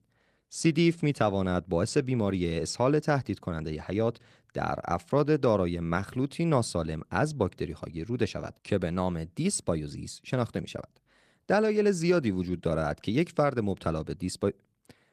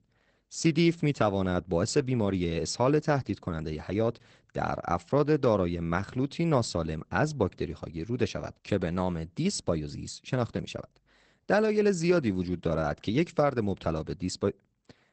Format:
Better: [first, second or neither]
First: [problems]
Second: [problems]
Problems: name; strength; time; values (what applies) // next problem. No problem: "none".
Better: first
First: garbled, watery; slightly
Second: garbled, watery; badly; nothing above 8 kHz